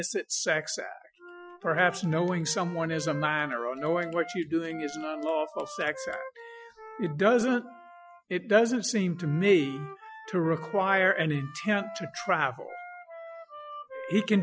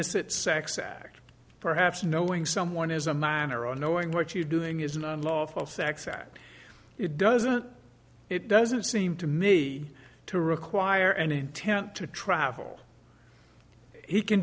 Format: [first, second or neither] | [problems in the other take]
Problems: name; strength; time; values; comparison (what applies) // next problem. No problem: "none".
second | noise reduction (classical method Wiener filter)